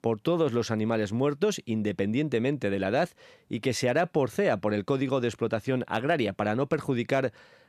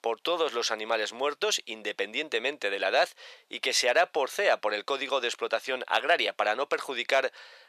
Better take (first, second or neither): first